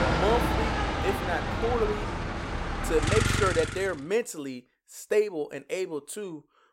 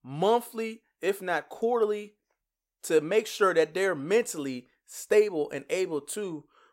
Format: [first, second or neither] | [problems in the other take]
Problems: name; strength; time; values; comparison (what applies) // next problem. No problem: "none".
second | traffic noise; very loud; until 3.5 s; 1 dB above the speech